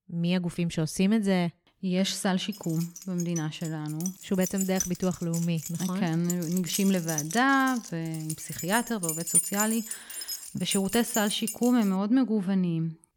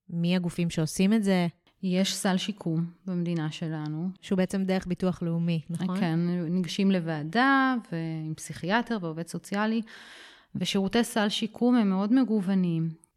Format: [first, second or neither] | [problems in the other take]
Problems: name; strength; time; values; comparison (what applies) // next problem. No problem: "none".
second | jangling keys; loud; from 3 to 12 s; peak 5 dB above the speech